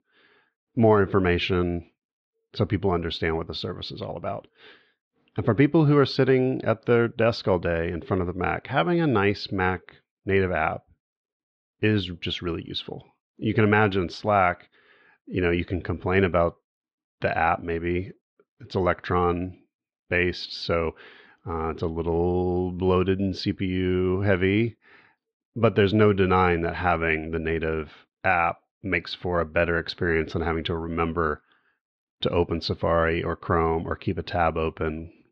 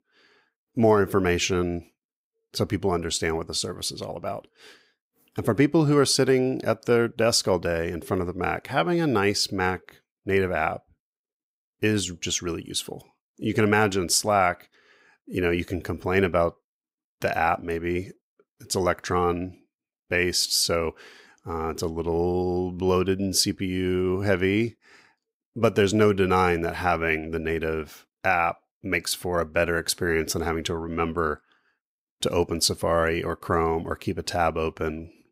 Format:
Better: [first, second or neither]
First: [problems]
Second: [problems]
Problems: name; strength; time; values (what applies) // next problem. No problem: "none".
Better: second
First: muffled; slightly; fading above 4 kHz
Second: none